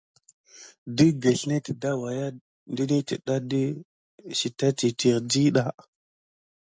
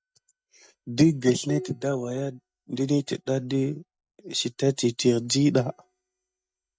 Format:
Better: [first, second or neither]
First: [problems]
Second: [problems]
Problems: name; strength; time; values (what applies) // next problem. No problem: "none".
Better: first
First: none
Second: noise reduction (neural mask model DeepFilterNet 3)